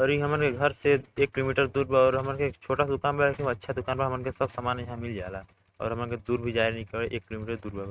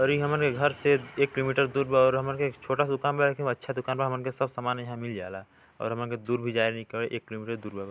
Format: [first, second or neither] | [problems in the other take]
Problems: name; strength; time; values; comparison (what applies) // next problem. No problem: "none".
second | noise reduction (neural mask model RNNoise)